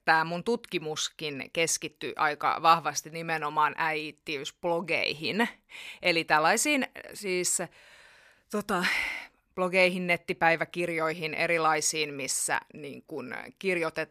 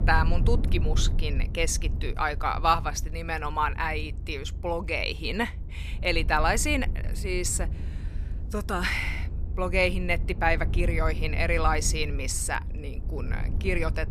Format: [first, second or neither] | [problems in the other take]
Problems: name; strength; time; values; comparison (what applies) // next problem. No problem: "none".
first | low rumble; noticeable; throughout; 20 dB below the speech